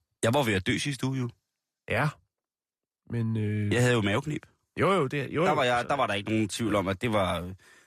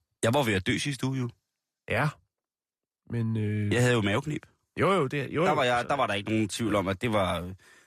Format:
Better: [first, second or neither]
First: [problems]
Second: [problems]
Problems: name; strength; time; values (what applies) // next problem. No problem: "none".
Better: neither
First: none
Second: none